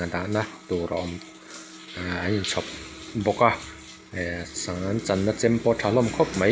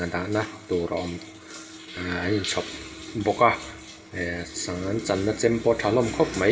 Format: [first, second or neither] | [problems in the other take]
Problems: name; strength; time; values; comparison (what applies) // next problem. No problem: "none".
first | room echo; dies away in 1.9 s